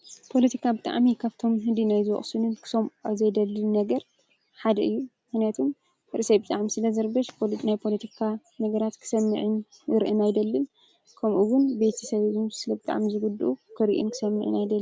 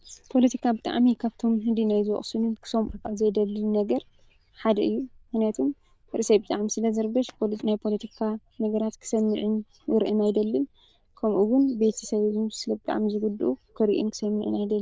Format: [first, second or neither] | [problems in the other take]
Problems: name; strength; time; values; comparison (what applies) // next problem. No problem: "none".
first | noise reduction (neural diffusion model UNIVERSE++)